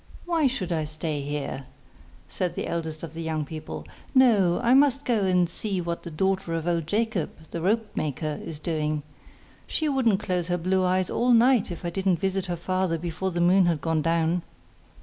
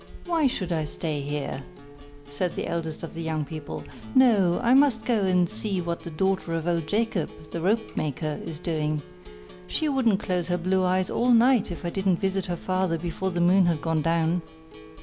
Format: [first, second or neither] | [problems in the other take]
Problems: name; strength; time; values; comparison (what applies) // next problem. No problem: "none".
first | background sound (Acoustic guitar); 18 dB below the speech